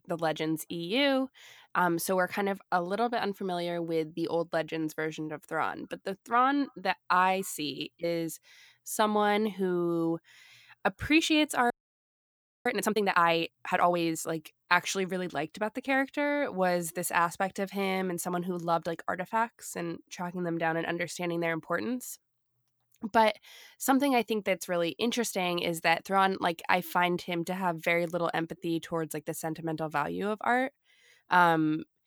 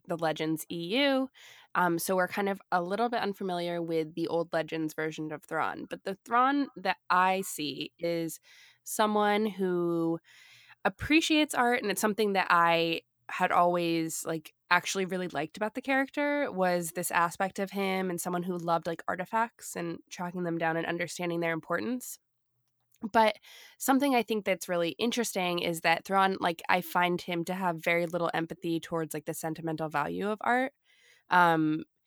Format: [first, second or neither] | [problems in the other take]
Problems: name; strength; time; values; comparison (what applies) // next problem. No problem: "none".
second | audio freezing; at 12 s for 1 s